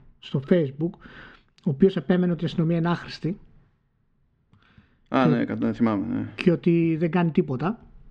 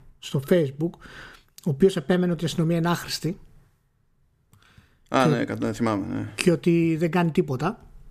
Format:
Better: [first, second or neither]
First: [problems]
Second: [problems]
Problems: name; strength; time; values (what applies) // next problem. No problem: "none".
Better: second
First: muffled; slightly; fading above 3.5 kHz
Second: none